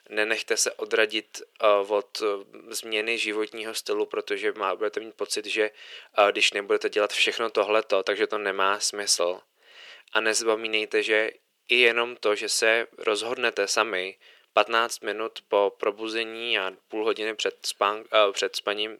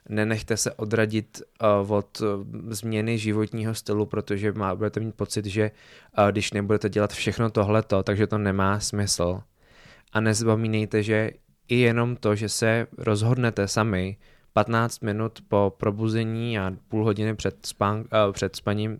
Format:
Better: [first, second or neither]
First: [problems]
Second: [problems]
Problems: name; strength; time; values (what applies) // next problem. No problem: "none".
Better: second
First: thin; very; fading below 400 Hz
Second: none